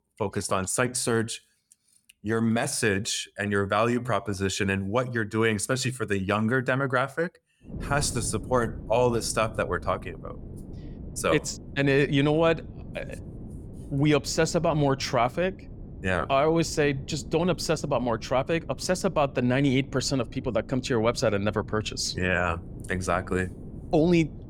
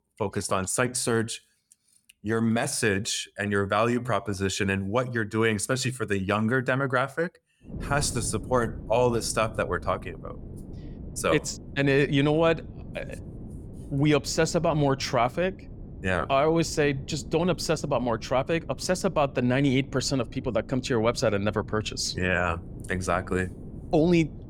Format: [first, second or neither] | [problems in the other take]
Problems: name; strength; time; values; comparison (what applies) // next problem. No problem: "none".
neither | wind noise on the microphone; occasional gusts; from 7.5 s on; 25 dB below the speech; the same in both